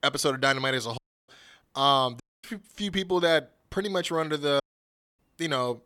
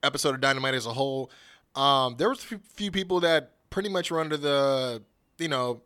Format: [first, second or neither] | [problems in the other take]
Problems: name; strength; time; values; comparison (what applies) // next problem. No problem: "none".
second | audio cutting out; at 1 s, at 2 s and at 4.5 s for 0.5 s